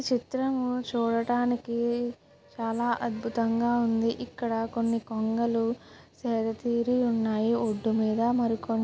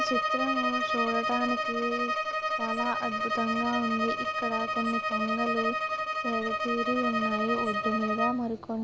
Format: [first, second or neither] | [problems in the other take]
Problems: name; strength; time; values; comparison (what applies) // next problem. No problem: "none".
first | background sound (Bowed string instrument); 2 dB above the speech